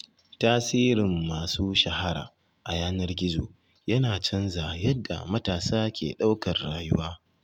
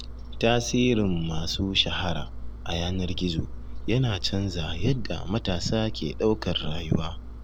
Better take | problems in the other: first | background sound (Engine); 6 dB below the speech

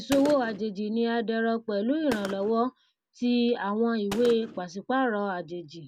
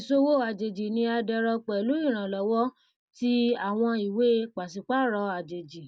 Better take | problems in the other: second | background sound (Gunshot, gunfire); 16 dB below the speech

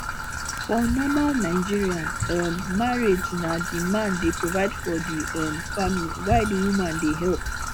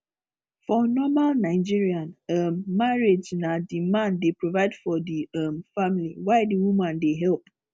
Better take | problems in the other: second | background sound (Trickle, dribble / Traffic noise, roadway noise); 4 dB below the speech

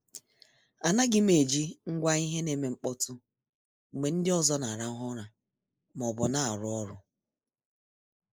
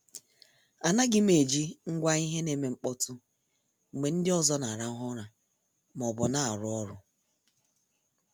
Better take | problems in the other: second | noise reduction (neural mask model Resemble Enhance denoiser)

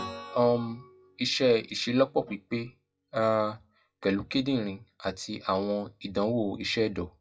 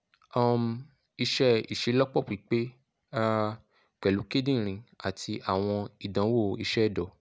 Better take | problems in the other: second | noise reduction (classical method WPE with log-MMSE)

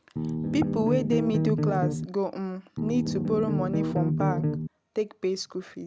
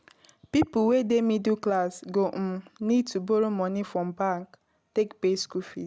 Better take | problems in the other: second | background sound (Bass guitar); 2 dB above the speech

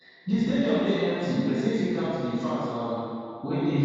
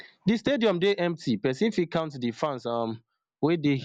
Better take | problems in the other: second | room echo; dies away in 2.1 s

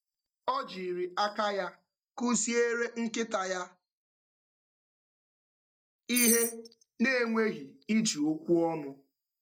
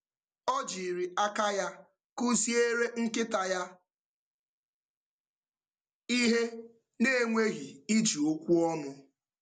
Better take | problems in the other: second | noise reduction (neural mask model DeepFilterNet 3)

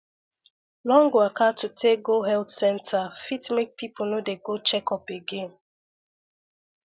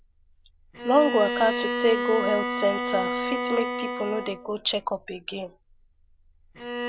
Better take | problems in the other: first | background sound (Bowed string instrument); 4 dB below the speech

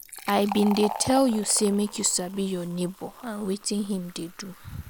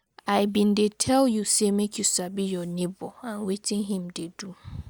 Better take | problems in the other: second | background sound (Fill (with liquid)); 13 dB below the speech

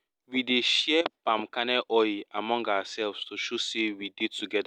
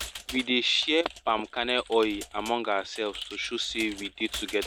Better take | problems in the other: first | background sound (Computer keyboard); 15 dB below the speech

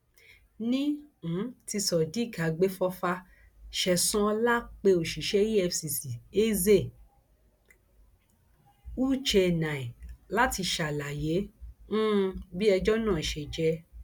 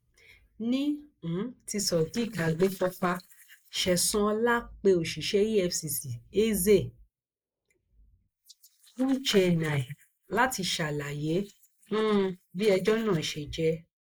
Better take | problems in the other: first | noise reduction (neural mask model Resemble Enhance denoiser)

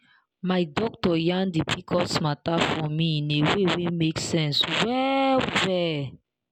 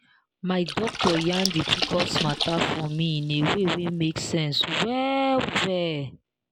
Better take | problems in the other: first | background sound (Splash, splatter); 6 dB below the speech

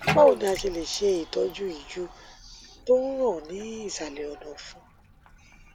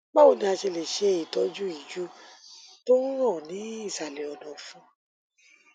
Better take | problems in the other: second | background sound (Bathtub (filling or washing)); 11 dB below the speech

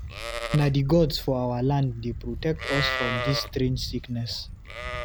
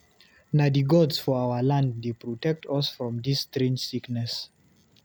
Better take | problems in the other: second | background sound (Livestock, farm animals, working animals); 7 dB below the speech

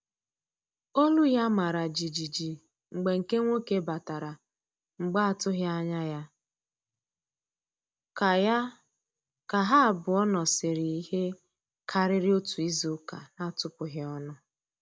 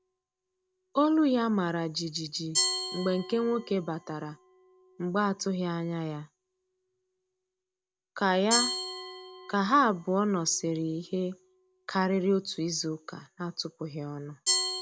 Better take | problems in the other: first | background sound (Glass); 7 dB below the speech

